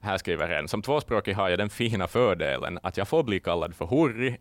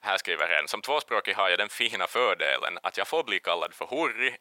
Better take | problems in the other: first | thin; very; fading below 700 Hz

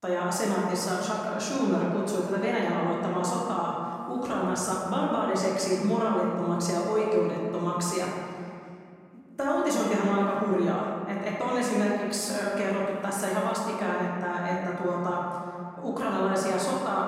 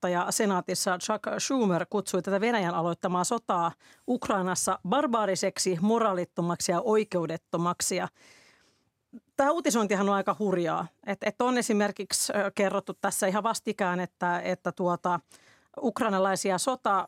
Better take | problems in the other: second | off-mic speech; far // room echo; noticeable; dies away in 2.2 s

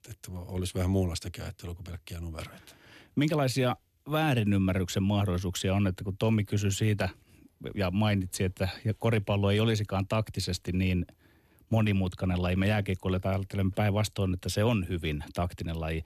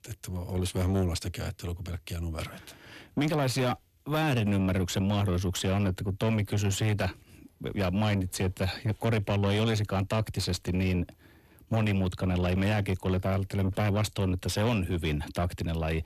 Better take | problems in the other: first | distortion; slight; 10 dB below the speech

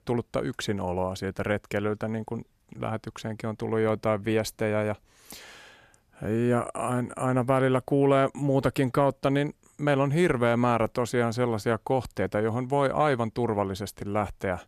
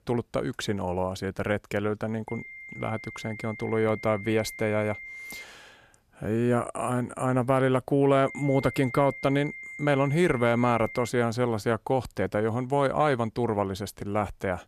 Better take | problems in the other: first | high-pitched whine; noticeable; from 2.5 to 5.5 s and from 8.5 to 11 s; 2 kHz, 15 dB below the speech

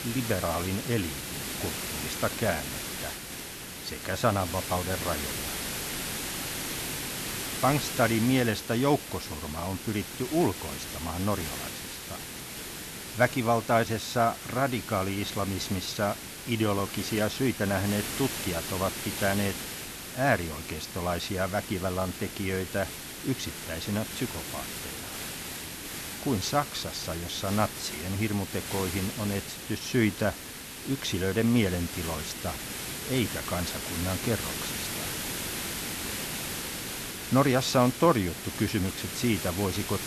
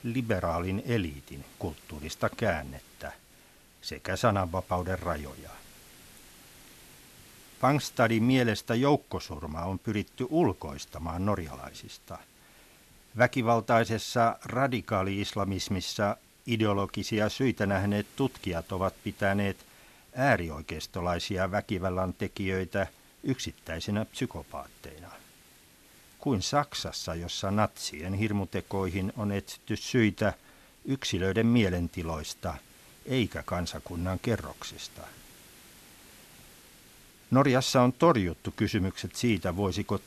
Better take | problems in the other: second | hiss; loud; throughout; 5 dB below the speech; faint in the second

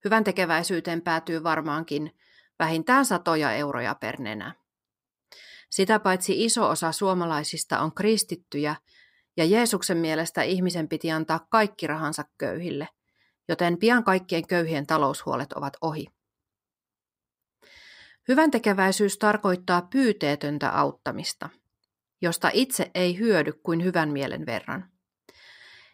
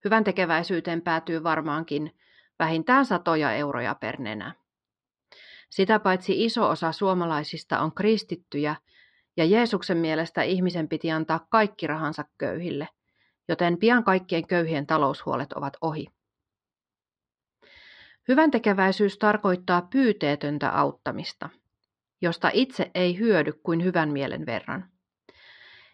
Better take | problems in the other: first | muffled; very slightly; fading above 4 kHz

